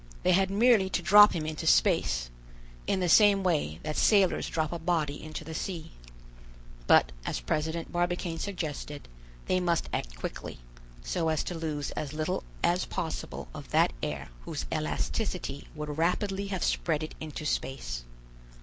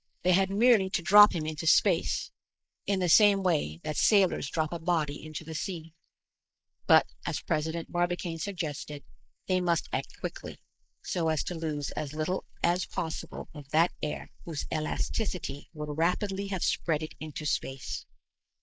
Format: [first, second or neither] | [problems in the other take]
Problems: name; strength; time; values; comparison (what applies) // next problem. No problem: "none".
first | noise reduction (neural mask model Resemble Enhance denoiser)